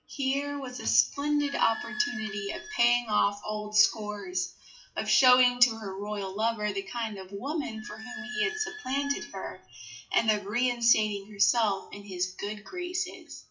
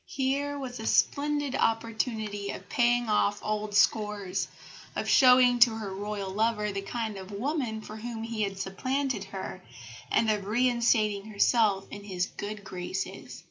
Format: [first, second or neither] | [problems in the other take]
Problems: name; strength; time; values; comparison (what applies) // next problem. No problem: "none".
second | noise reduction (classical method WPE with log-MMSE)